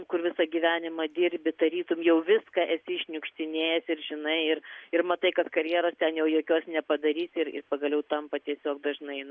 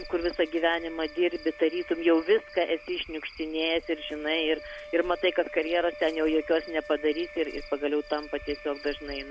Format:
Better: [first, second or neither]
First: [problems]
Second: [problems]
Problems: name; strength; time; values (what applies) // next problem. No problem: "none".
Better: first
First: none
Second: background sound (Cricket / Frog + Wind instrument, woodwind instrument); 16 dB below the speech